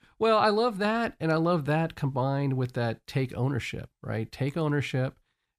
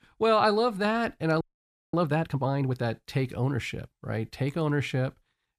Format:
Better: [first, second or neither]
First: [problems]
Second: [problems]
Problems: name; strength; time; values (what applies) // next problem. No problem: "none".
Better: first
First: none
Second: audio freezing; at 1.5 s for 0.5 s